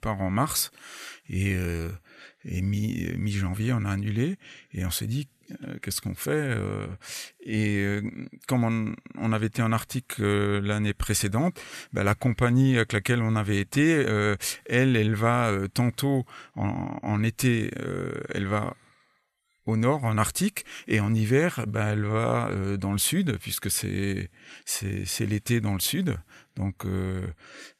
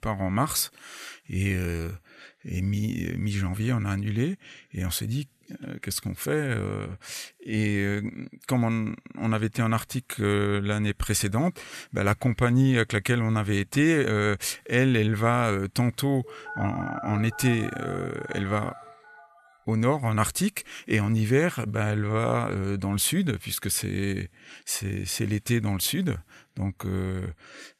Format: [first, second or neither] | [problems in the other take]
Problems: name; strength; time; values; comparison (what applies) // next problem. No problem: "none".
first | phone ringing; noticeable; from 16 to 19 s; peak 9 dB below the speech